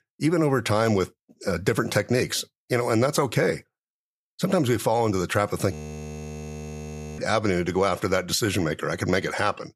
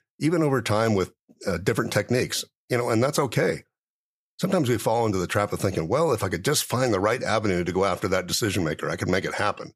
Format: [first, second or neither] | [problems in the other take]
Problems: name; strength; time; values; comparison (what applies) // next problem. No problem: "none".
second | audio freezing; at 5.5 s for 1.5 s